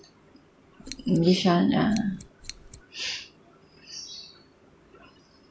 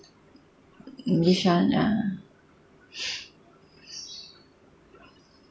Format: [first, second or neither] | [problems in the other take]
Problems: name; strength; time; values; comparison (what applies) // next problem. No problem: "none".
second | background sound (Scissors); 15 dB below the speech